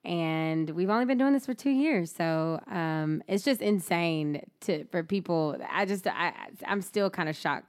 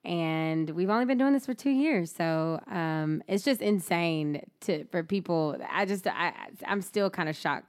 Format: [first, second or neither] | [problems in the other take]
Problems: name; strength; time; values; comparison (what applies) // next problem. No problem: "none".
neither | none